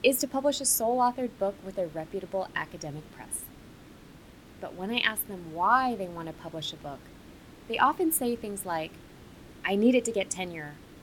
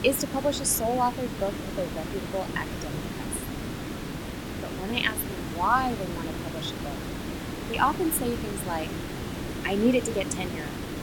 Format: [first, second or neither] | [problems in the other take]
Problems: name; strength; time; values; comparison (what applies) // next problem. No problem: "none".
first | hiss; loud; throughout; 6 dB below the speech; faint in the first